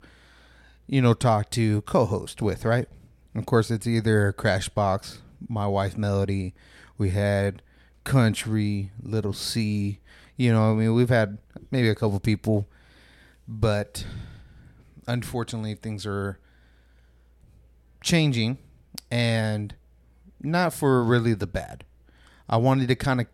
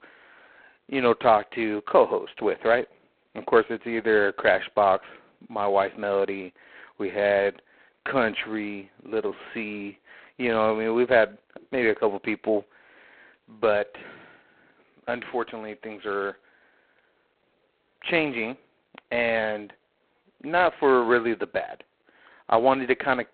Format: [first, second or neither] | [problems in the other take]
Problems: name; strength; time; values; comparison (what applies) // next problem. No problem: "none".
first | phone-call audio; poor line; nothing above 4 kHz